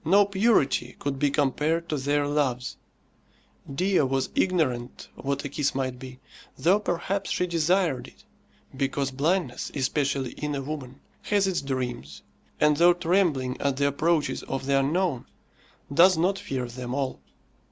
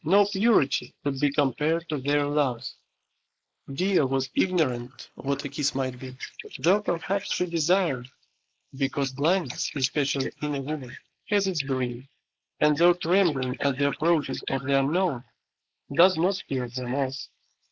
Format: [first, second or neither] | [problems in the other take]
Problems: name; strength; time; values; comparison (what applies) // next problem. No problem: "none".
first | noise reduction (neural mask model Resemble Enhance denoiser)